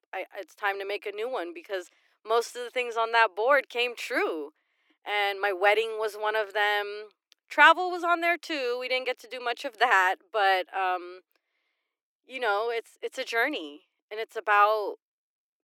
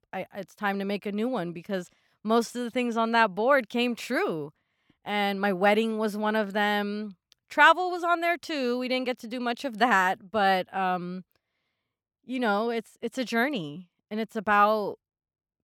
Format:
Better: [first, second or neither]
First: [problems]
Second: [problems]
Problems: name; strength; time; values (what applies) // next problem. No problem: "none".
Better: second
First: thin; very; fading below 300 Hz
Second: none